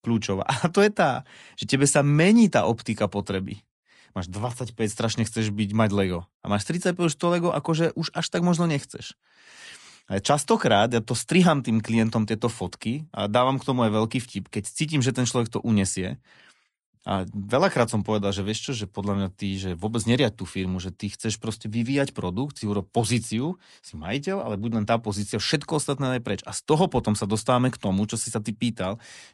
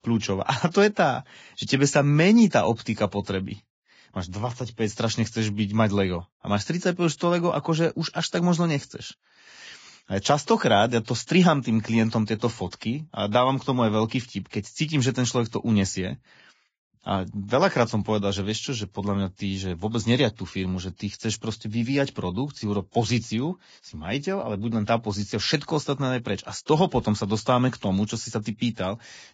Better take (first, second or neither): first